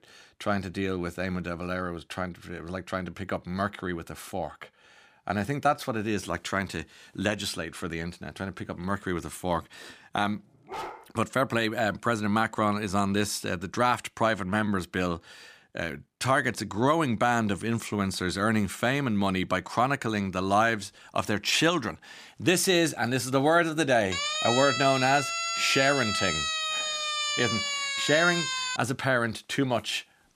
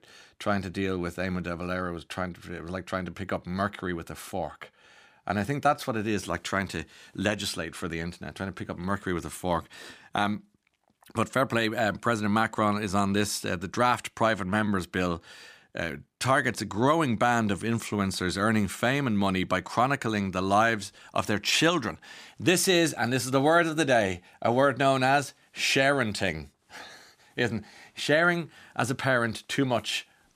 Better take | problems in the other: second | dog barking; faint; at 11 s; peak 10 dB below the speech // siren; loud; from 24 to 29 s; peak 1 dB above the speech

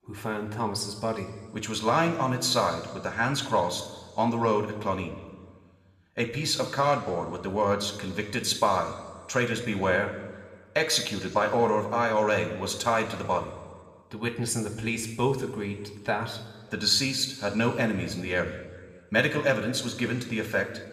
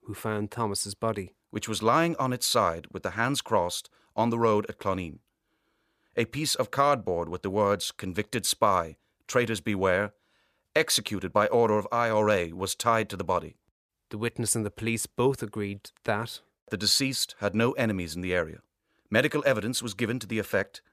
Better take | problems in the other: second | room echo; slight; dies away in 1.6 s

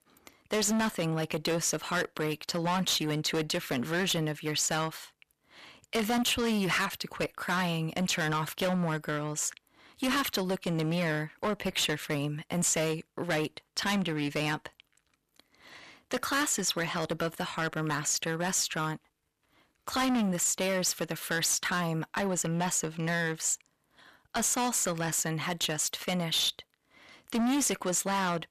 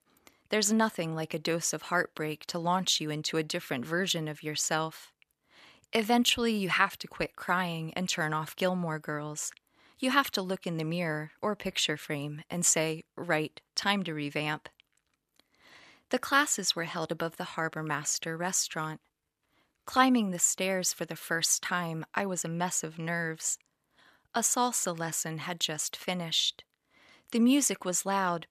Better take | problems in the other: second | distortion; heavy; 14% of the sound clipped

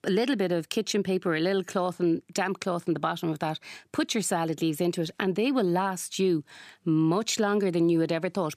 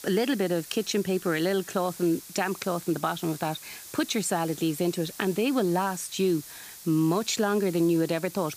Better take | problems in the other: first | hiss; noticeable; throughout; 15 dB below the speech

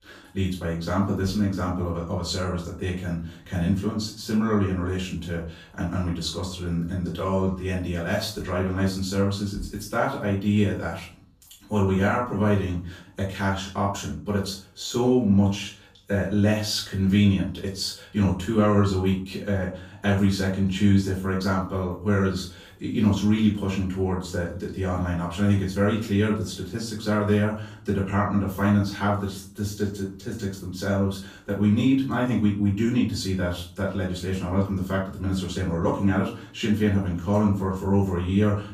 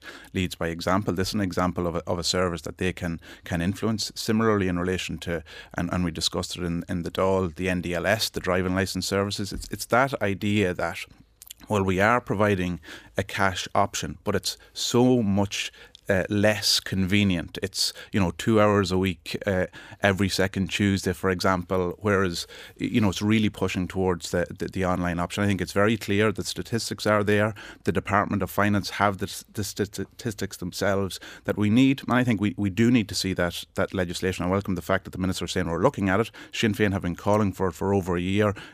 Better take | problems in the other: second | off-mic speech; far // room echo; noticeable; dies away in 0.4 s

